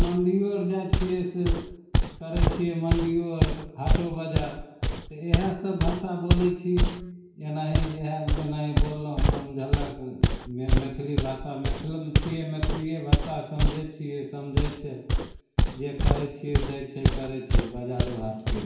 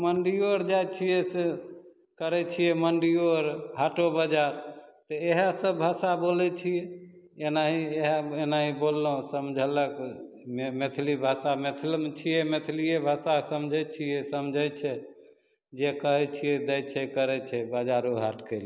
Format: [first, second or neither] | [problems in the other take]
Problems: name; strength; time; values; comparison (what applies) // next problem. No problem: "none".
second | background sound (Walk, footsteps); 3 dB above the speech // room echo; dies away in 0.6 s